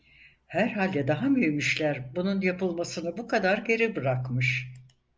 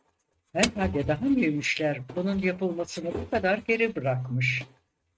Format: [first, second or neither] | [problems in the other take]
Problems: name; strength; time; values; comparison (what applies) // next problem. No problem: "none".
first | noise reduction (neural mask model RNNoise)